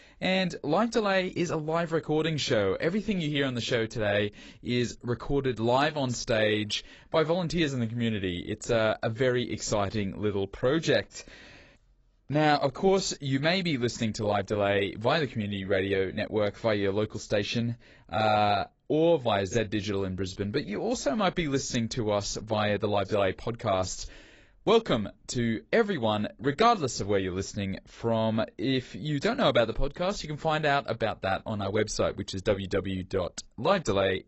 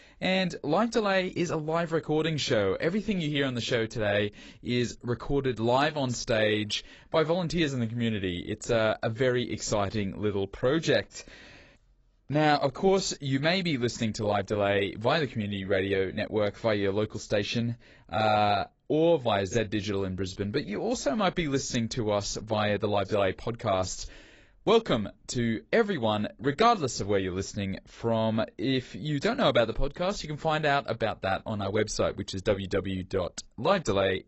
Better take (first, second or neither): neither